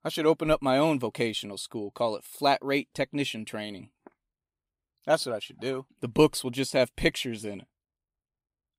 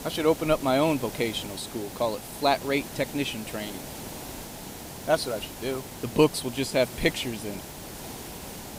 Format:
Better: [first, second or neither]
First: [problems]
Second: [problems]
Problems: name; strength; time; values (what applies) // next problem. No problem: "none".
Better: first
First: none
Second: hiss; noticeable; throughout; 10 dB below the speech